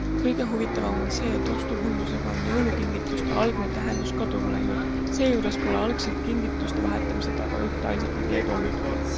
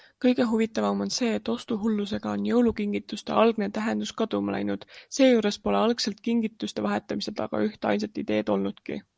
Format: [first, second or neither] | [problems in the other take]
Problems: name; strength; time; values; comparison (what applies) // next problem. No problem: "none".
second | background sound (Bus); 2 dB above the speech